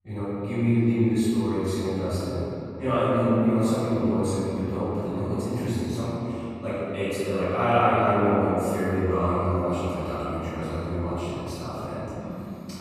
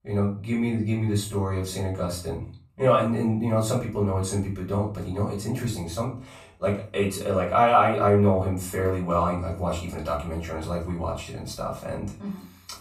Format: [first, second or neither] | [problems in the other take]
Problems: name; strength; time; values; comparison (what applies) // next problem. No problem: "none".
second | room echo; strong; dies away in 2.8 s; slight in the second // off-mic speech; far; far in the second